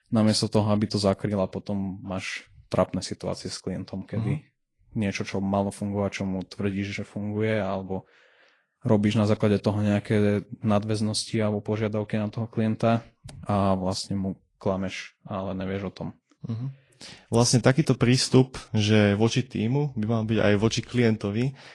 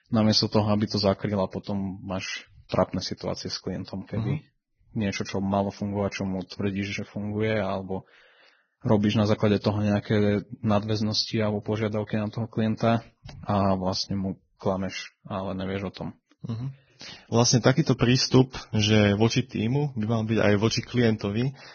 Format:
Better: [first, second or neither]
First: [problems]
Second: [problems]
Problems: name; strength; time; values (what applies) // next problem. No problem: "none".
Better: first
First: garbled, watery; slightly; nothing above 10 kHz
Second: garbled, watery; badly; nothing above 6.5 kHz